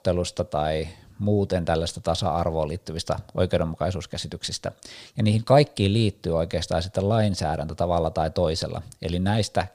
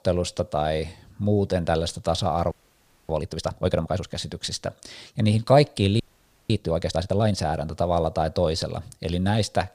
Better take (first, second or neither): first